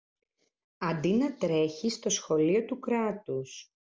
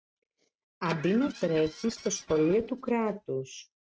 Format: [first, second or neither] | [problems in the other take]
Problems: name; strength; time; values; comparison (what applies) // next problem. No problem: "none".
first | noise reduction (neural mask model RNNoise)